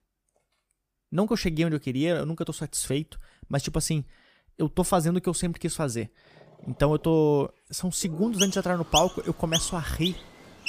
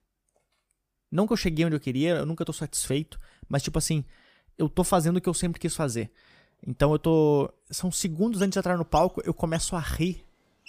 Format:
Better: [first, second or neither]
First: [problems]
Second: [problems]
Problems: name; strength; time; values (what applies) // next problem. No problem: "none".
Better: second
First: animal sounds; loud; from 7 s on; 2 dB below the speech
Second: animal sounds; faint; from 7 s on; 20 dB below the speech